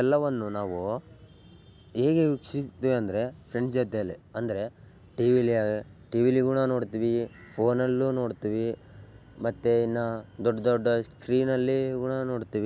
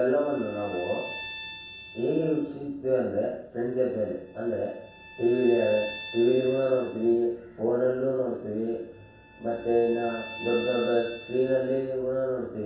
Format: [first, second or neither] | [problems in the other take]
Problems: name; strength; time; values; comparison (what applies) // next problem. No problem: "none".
first | background sound (Bowed string instrument); 17 dB below the speech // room echo; dies away in 0.7 s